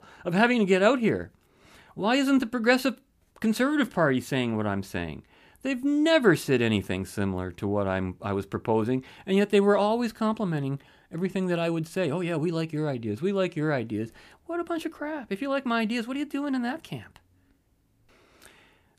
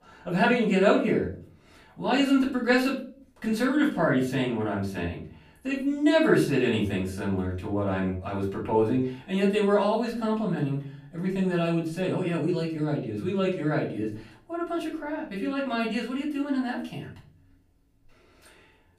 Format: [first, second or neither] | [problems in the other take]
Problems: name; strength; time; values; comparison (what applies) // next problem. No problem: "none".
first | off-mic speech; far // room echo; slight; dies away in 0.4 s